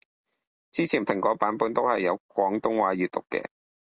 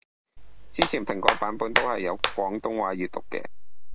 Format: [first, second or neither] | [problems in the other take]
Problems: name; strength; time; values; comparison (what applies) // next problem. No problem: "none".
first | background sound (Hands); 1 dB above the speech